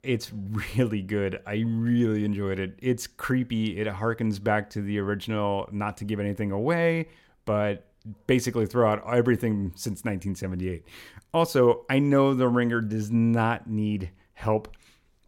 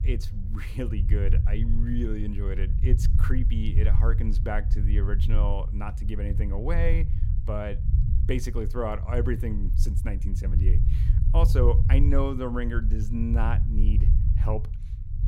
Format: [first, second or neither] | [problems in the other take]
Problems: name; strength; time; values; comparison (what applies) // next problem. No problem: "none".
first | low rumble; loud; throughout; 8 dB below the speech